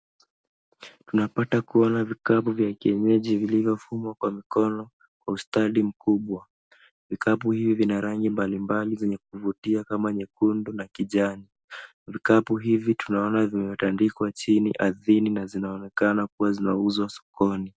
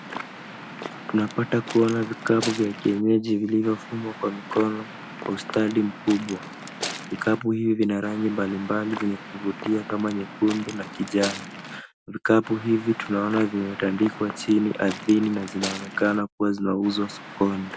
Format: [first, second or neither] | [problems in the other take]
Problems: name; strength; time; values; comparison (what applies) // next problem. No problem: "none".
first | background sound (Waves, surf / Wind); 12 dB below the speech